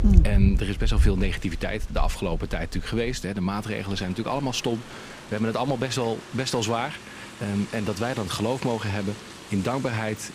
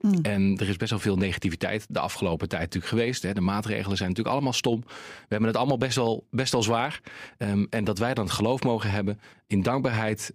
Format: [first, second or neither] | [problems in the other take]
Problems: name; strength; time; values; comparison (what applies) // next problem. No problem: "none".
second | rain or running water; loud; throughout; 4 dB below the speech